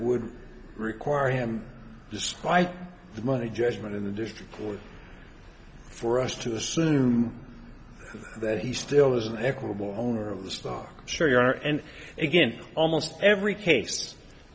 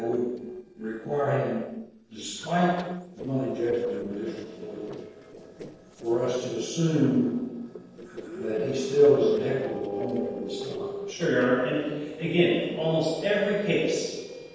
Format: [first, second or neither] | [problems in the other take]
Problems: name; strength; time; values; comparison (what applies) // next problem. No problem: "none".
first | noise reduction (neural separator model SepFormer DNS4)